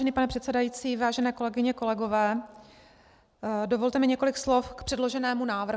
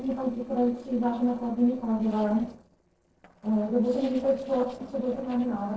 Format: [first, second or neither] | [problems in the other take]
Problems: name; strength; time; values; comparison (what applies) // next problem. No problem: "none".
first | noise reduction (neural separator model SepFormer DNS4)